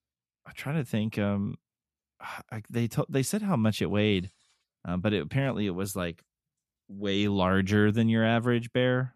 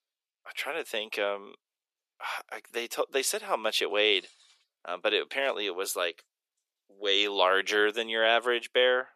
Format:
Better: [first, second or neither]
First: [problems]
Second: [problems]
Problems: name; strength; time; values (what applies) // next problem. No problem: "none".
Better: first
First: none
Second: thin; very; fading below 400 Hz